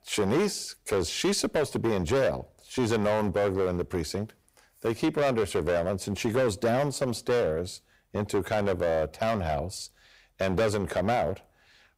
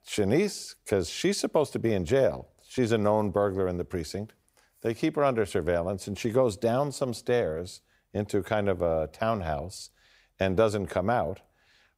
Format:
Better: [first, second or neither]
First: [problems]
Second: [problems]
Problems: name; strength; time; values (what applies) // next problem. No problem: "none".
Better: second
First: distortion; heavy; 11% of the sound clipped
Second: none